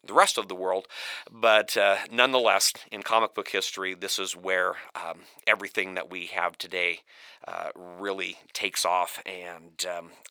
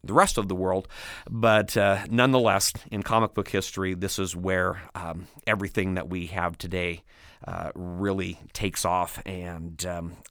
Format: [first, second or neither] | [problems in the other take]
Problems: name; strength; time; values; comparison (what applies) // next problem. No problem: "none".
second | thin; very; fading below 550 Hz